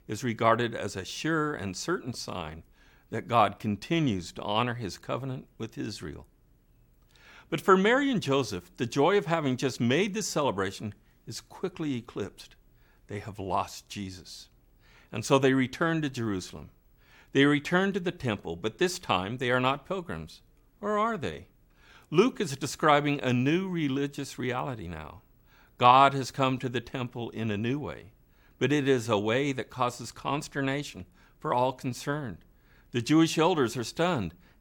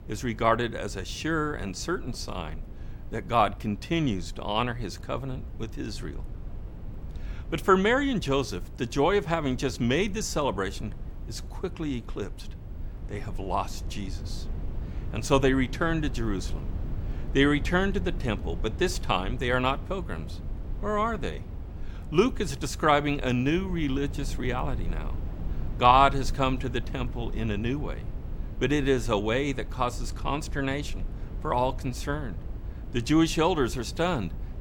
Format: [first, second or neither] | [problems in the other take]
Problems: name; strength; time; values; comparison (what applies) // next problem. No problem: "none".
first | low rumble; faint; throughout; 20 dB below the speech